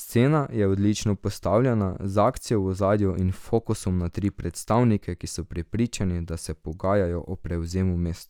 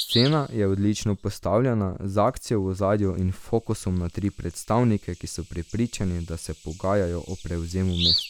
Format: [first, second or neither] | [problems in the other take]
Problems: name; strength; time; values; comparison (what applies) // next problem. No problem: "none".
first | background sound (Bird vocalization, bird call, bird song); 10 dB below the speech